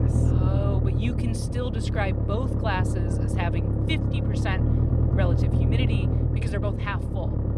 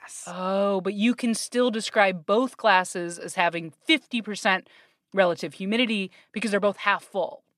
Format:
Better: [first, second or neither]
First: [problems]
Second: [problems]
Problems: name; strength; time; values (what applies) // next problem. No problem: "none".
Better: second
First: low rumble; loud; throughout; 1 dB below the speech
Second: none